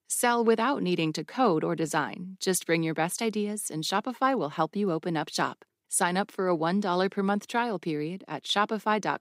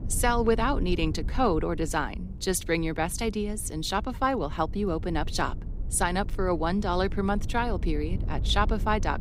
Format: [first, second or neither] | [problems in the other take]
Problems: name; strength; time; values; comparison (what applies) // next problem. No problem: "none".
first | low rumble; faint; throughout; 20 dB below the speech